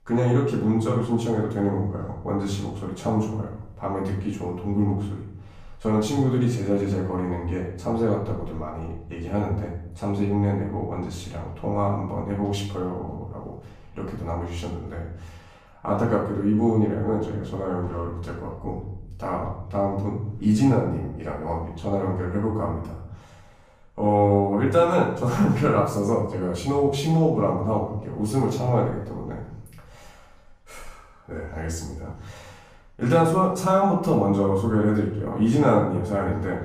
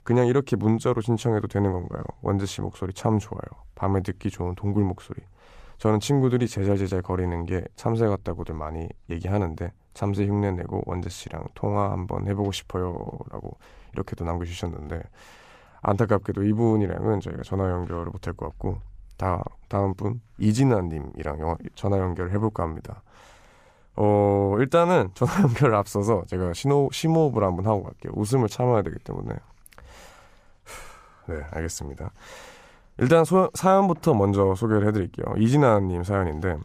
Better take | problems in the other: second | off-mic speech; far // room echo; noticeable; dies away in 0.6 s

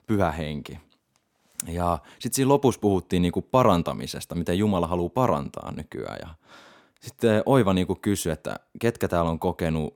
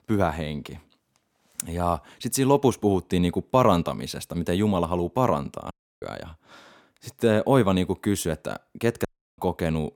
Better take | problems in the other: first | audio cutting out; at 5.5 s and at 9 s

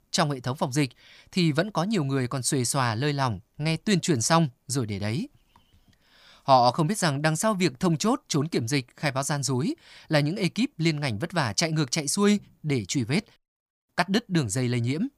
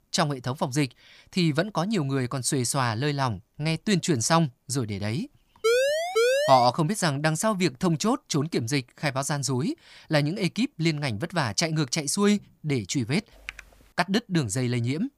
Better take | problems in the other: first | siren; loud; from 5.5 to 6.5 s; peak 3 dB above the speech // keyboard typing; faint; at 13 s; peak 15 dB below the speech

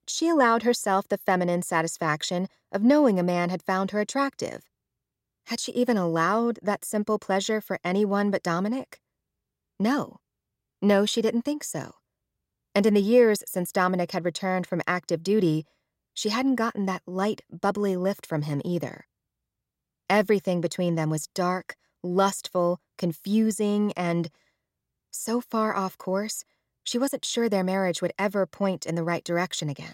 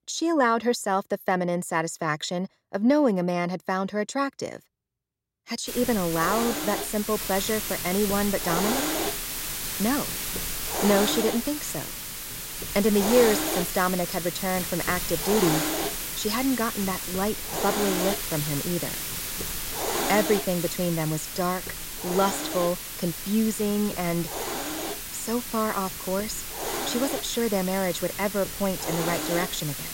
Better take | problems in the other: first | hiss; loud; from 5.5 s on; 3 dB below the speech

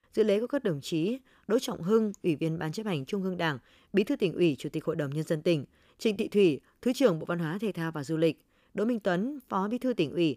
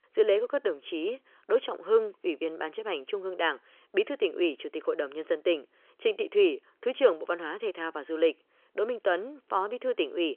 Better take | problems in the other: first | phone-call audio; nothing above 3 kHz

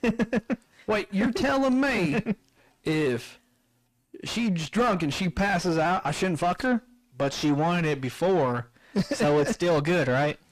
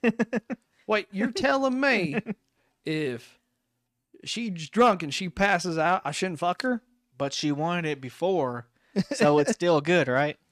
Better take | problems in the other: second | distortion; heavy; 5 dB below the speech

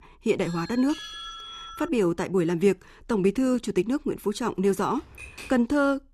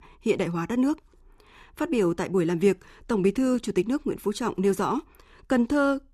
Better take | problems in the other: second | doorbell; faint; until 2 s; peak 10 dB below the speech // keyboard typing; faint; at 5 s; peak 15 dB below the speech

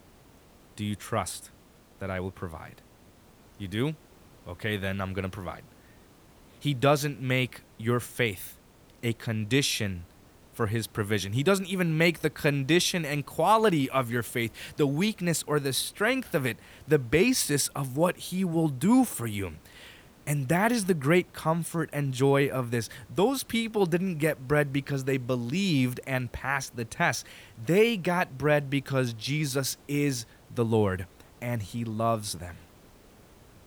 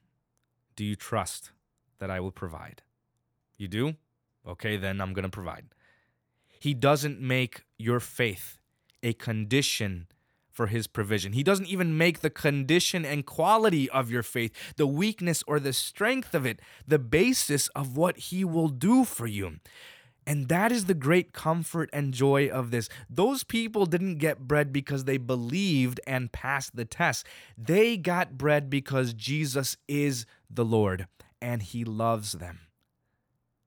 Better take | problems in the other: second | hiss; faint; throughout; 30 dB below the speech

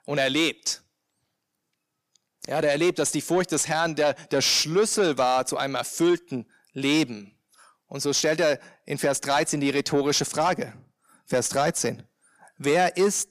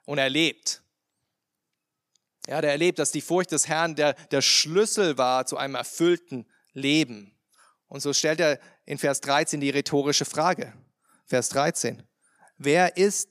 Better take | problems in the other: second | distortion; slight; 10 dB below the speech

